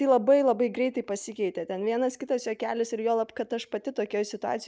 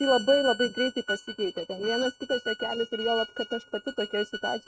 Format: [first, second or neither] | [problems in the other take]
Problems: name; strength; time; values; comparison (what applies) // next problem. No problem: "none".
first | noise reduction (neural mask model RNNoise)